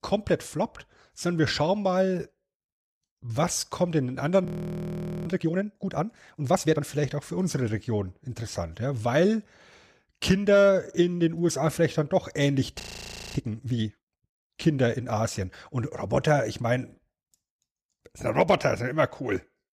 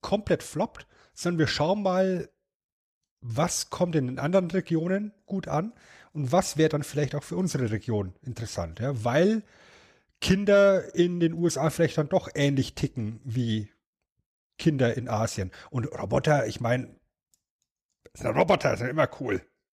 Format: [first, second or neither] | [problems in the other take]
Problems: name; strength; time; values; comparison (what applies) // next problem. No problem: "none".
second | audio freezing; at 4.5 s for 1 s and at 13 s for 0.5 s